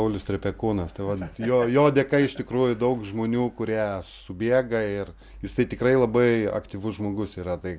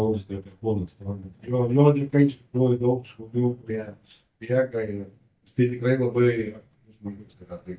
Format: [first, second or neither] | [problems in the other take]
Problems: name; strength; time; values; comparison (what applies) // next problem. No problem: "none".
first | noise reduction (neural mask model DeepFilterNet 3)